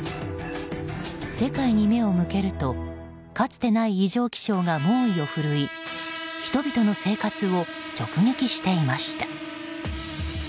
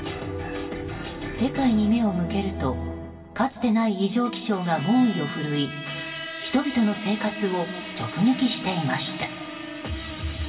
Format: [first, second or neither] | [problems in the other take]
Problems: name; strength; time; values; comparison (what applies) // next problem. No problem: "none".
first | background sound (Bowed string instrument); 20 dB below the speech // room echo; dies away in 1.6 s